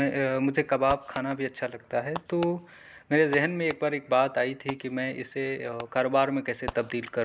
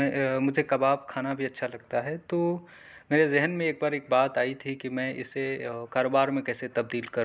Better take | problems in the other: second | background sound (Fireworks); 17 dB below the speech

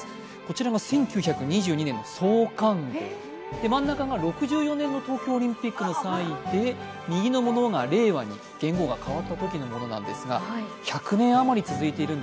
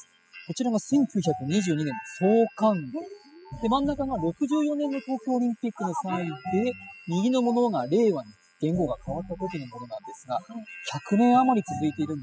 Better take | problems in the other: first | noise reduction (classical method spectral subtraction)

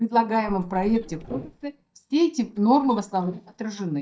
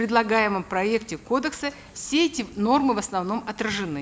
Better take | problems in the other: second | noise reduction (neural mask model DeepFilterNet 3)

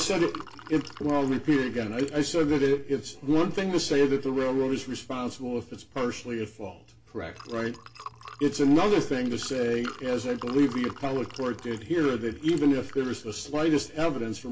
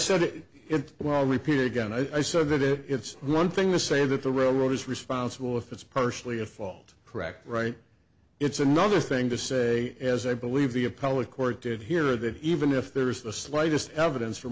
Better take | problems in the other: second | background sound (Liquid); 20 dB below the speech // room echo; dies away in 0.2 s

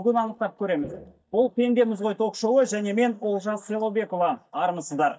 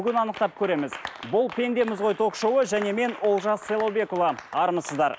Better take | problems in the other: second | noise reduction (neural mask model DeepFilterNet 3)

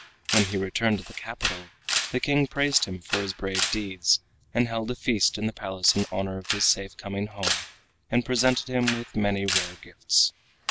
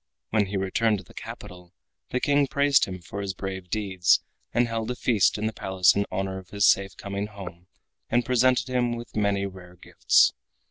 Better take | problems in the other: second | background sound (Camera); 6 dB below the speech

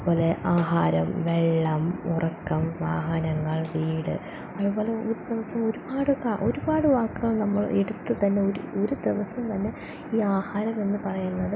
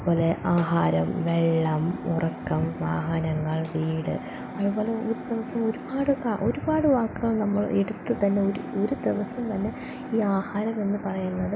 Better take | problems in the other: first | background sound (Wind instrument, woodwind instrument); 16 dB below the speech

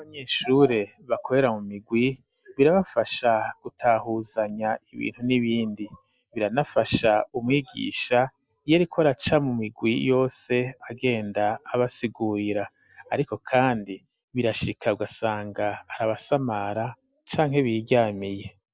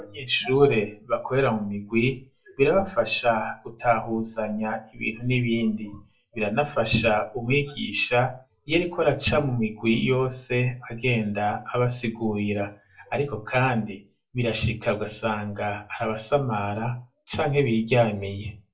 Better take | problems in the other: first | room echo; dies away in 0.2 s

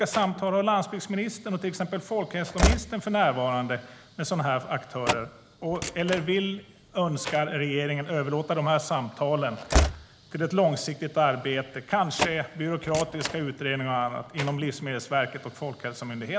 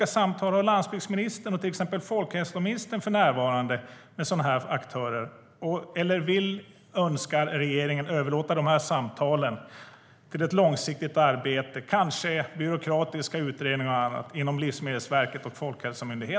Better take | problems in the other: second | background sound (Slam / Train); 6 dB below the speech

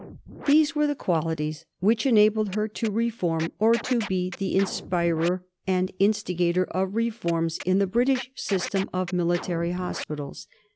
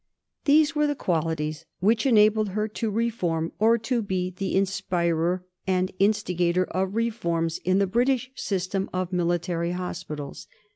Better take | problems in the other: second | background sound (Scratching (performance technique)); 17 dB below the speech

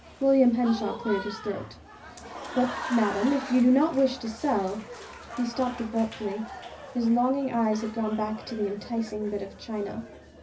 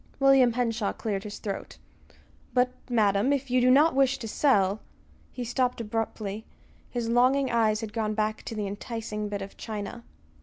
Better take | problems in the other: second | background sound (Applause / Crowd); 13 dB below the speech // room echo; dies away in 0.4 s

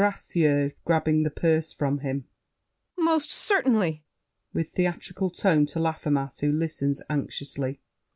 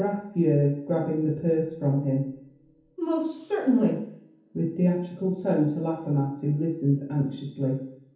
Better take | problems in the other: first | room echo; dies away in 0.7 s

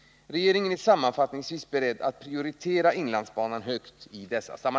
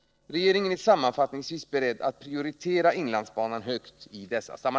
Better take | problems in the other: first | noise reduction (neural separator model SepFormer DNS4)

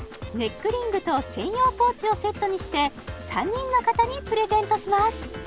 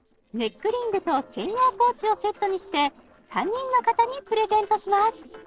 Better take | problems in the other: first | noise reduction (neural separator model SepFormer DNS4)

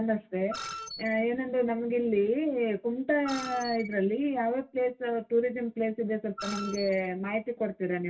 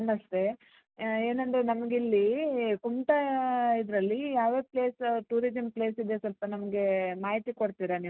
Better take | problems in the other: second | background sound (Screech); 12 dB below the speech // room echo; dies away in 0.1 s

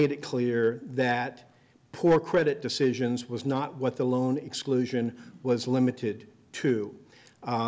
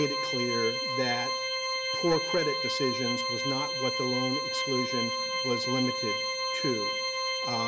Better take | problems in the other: first | background sound (Organ); 2 dB above the speech

